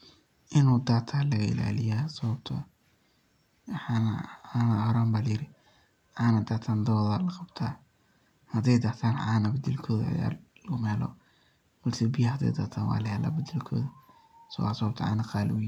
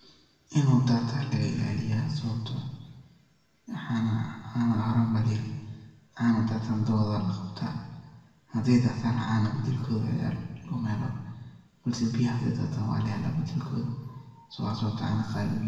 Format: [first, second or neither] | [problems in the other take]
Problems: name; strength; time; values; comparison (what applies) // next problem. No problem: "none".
first | room echo; dies away in 1.1 s